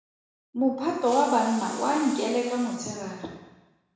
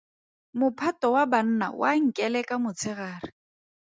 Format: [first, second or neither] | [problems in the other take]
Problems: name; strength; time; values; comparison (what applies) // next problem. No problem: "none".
second | background sound (Hiss); 16 dB below the speech // room echo; dies away in 1 s